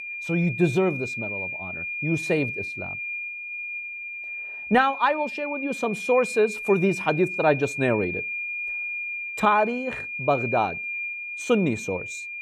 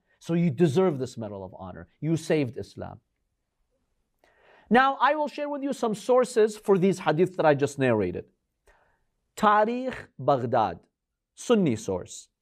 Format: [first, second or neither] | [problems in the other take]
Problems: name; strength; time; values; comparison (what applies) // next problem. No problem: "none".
second | high-pitched whine; loud; throughout; 2.5 kHz, 6 dB below the speech